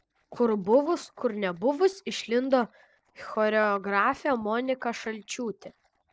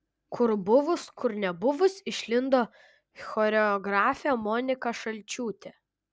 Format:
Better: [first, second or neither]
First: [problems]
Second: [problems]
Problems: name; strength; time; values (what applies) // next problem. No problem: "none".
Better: second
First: noise reduction (neural separator model SepFormer DNS4)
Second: none